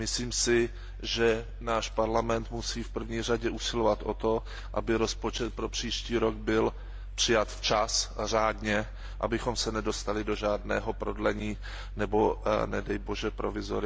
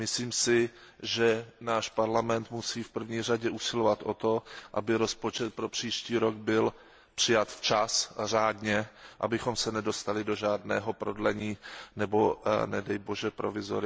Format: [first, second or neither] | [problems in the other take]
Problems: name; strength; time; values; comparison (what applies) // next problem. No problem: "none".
second | background sound (Mechanical fan); 9 dB below the speech